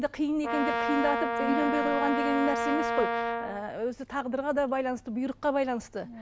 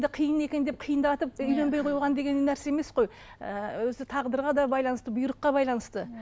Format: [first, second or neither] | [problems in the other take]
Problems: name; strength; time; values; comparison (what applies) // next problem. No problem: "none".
second | background sound (Brass instrument); as loud as the speech